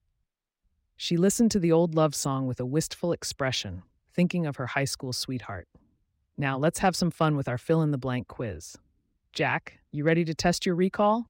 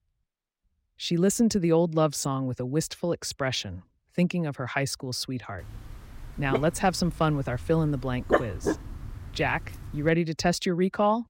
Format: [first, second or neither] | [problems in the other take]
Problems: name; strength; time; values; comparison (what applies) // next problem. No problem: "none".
first | dog barking; loud; from 6.5 to 9.5 s; peak 1 dB above the speech